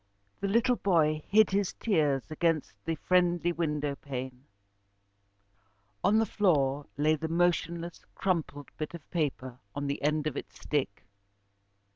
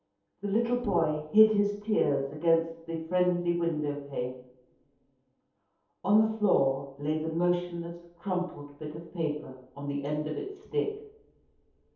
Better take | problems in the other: first | background sound (Bowed string instrument); 16 dB below the speech // room echo; dies away in 0.7 s

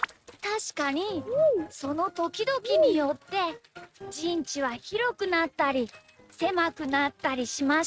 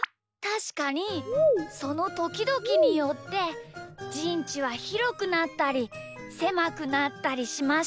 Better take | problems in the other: second | noise reduction (neural mask model RNNoise)

